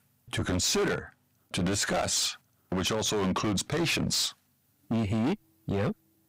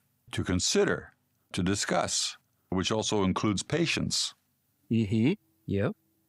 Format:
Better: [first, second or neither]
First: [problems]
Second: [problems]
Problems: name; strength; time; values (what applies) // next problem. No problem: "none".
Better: second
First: distortion; heavy; 15% of the sound clipped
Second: none